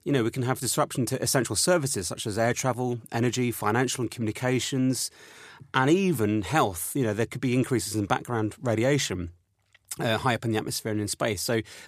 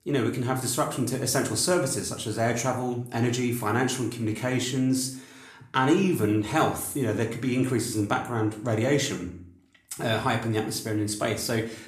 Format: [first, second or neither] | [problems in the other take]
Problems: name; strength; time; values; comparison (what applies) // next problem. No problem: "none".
first | room echo; slight; dies away in 0.5 s // off-mic speech; somewhat distant